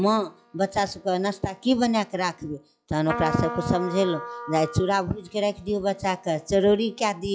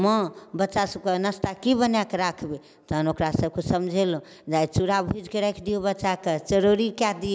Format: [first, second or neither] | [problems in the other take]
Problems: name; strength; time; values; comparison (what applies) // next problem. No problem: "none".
second | noise reduction (classical method log-MMSE)